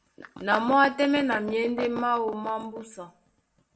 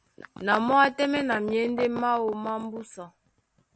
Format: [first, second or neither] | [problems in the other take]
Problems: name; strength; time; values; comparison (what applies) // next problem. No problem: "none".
second | room echo; dies away in 0.4 s